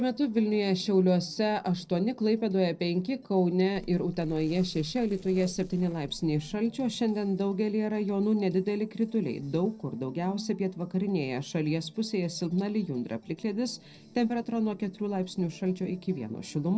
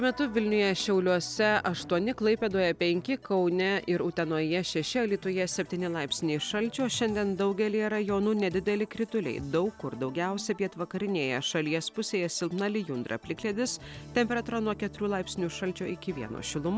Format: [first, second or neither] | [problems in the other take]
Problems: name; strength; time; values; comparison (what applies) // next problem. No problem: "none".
second | noise reduction (neural separator model SepFormer DNS4)